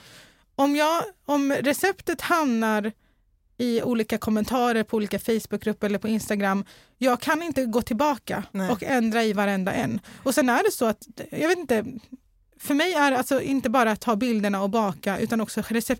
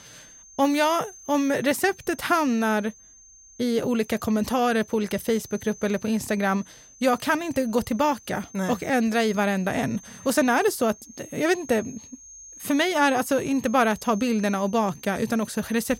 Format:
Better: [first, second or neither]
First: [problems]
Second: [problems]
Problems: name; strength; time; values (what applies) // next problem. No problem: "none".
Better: first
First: none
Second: high-pitched whine; faint; throughout; 6 kHz, 20 dB below the speech